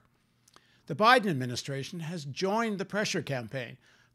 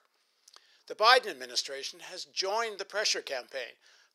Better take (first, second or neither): first